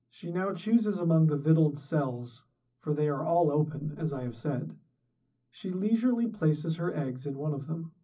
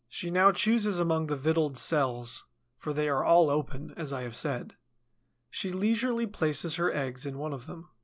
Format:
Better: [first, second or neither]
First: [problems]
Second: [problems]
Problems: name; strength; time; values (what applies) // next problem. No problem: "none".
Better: second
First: room echo; dies away in 0.4 s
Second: none